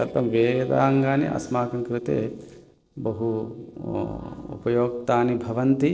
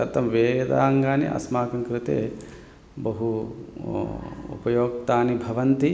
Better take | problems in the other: second | noise reduction (neural separator model SepFormer DNS4)

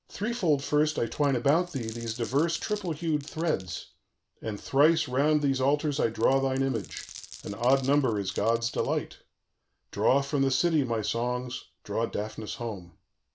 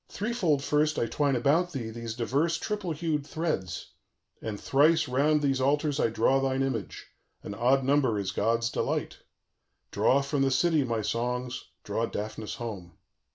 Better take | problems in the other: second | background sound (Glass); 19 dB below the speech

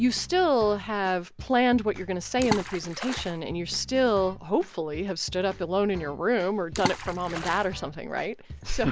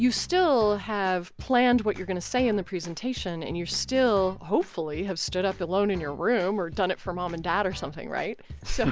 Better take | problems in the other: second | background sound (Water / Splash, splatter); 7 dB below the speech

